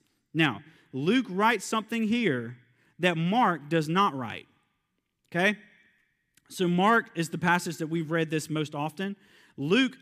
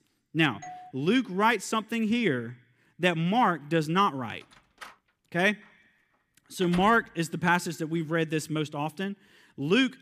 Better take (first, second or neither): first